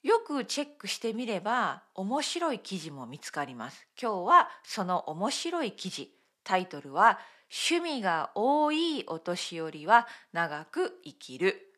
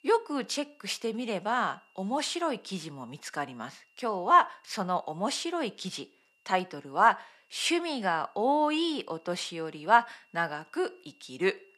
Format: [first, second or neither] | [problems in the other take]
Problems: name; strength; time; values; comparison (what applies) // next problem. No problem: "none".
first | high-pitched whine; faint; throughout; 3 kHz, 35 dB below the speech